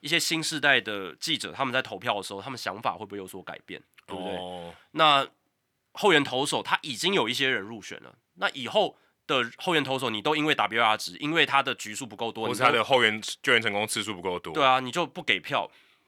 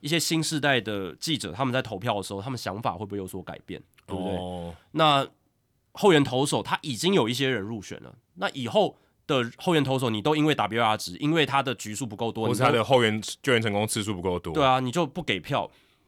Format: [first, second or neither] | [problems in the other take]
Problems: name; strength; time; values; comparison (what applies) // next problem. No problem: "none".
second | thin; very slightly; fading below 300 Hz